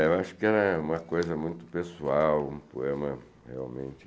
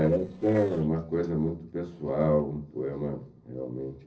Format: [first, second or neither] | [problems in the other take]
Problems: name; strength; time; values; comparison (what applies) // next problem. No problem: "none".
first | noise reduction (neural separator model SepFormer DNS4)